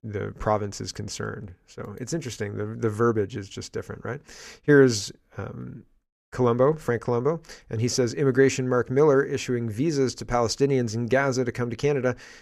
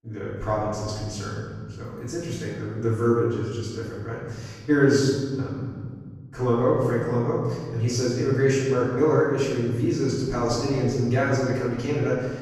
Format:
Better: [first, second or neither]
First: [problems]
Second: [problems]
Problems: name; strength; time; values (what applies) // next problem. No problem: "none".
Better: first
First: none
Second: off-mic speech; far // room echo; strong; dies away in 1.8 s